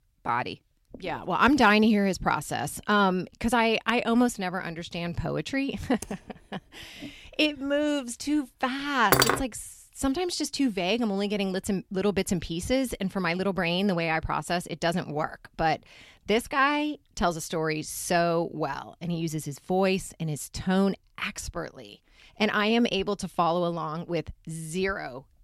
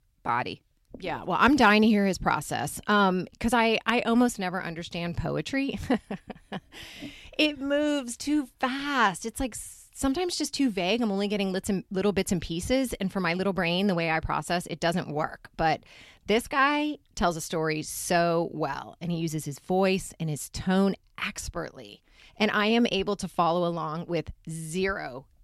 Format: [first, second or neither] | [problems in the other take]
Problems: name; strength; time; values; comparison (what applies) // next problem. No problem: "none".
second | keyboard typing; faint; at 6 s; peak 15 dB below the speech // clattering dishes; loud; at 9 s; peak 5 dB above the speech